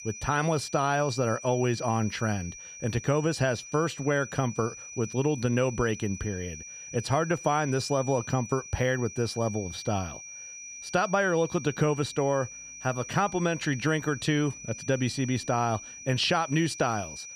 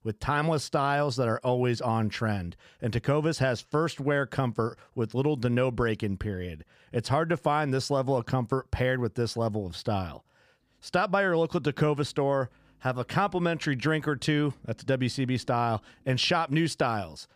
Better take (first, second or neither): second